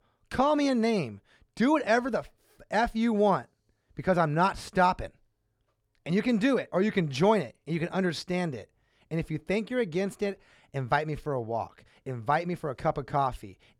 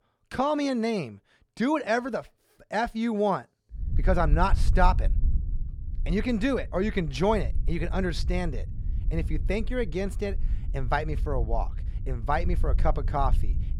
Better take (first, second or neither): first